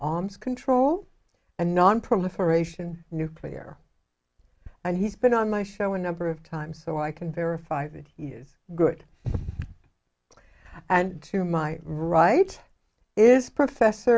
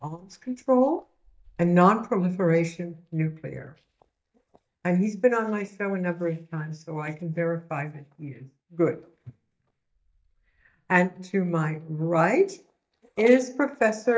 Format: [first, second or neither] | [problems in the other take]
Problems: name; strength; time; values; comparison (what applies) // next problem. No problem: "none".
first | noise reduction (neural mask model DeepFilterNet 3)